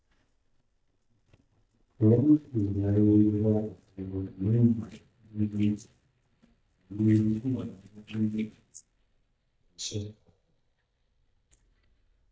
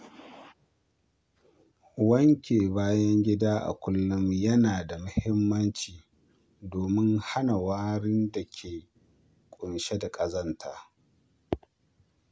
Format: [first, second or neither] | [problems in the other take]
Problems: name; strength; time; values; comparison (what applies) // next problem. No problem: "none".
second | noise reduction (neural mask model DeepFilterNet 3)